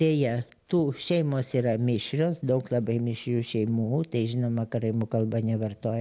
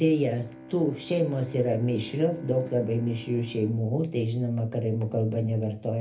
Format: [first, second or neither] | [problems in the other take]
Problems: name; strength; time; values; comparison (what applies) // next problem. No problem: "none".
first | background sound (Bowed string instrument); 19 dB below the speech // room echo; dies away in 0.3 s